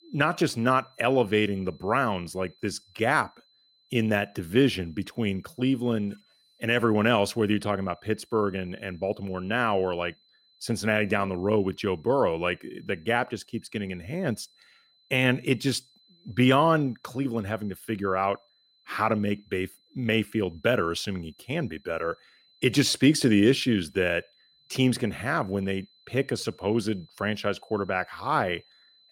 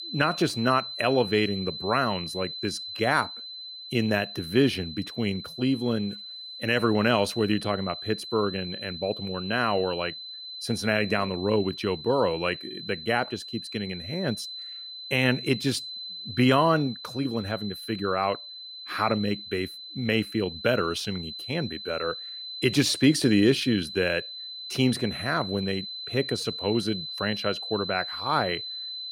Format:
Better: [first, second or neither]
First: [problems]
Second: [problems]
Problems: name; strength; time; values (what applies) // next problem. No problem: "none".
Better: first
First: high-pitched whine; faint; throughout; 4 kHz, 35 dB below the speech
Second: high-pitched whine; loud; throughout; 4 kHz, 9 dB below the speech